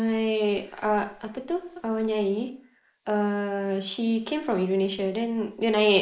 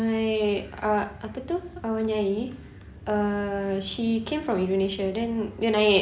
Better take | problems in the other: second | noise reduction (neural mask model Resemble Enhance denoiser)

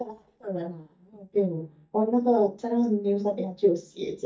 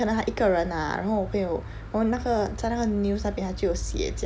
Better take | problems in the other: second | noise reduction (neural mask model DeepFilterNet 3)

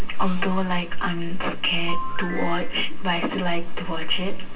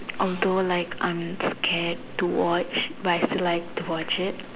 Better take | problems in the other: second | background sound (Ringtone / Chime); 16 dB below the speech // room echo; dies away in 0.1 s

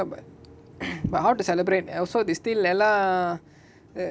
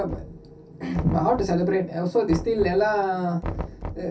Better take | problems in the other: first | background sound (Knock); 10 dB below the speech // room echo; dies away in 0.3 s

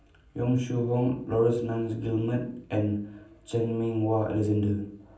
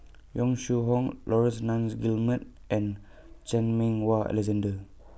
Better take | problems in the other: second | room echo; dies away in 0.6 s

